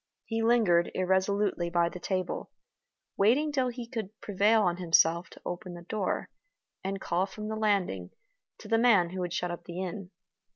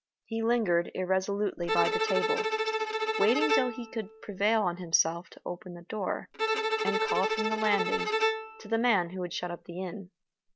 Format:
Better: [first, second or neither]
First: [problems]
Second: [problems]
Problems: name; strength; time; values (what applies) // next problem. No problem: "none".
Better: first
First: none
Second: background sound (Bowed string instrument); as loud as the speech